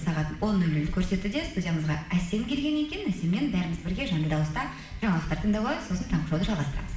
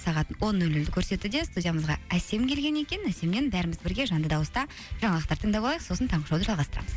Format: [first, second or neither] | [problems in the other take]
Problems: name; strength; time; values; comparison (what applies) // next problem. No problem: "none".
second | room echo; dies away in 0.9 s